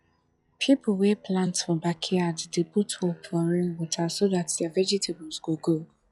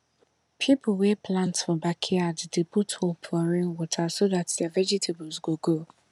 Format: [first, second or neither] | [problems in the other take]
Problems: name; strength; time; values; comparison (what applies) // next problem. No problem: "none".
second | noise reduction (classical method log-MMSE)